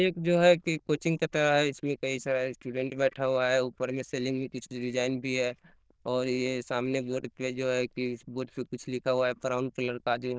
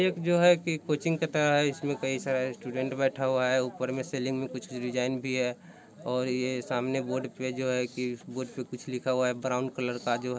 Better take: second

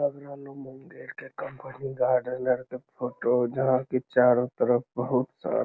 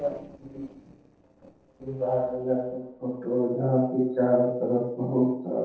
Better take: first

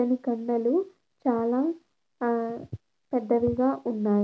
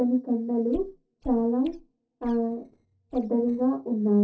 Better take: first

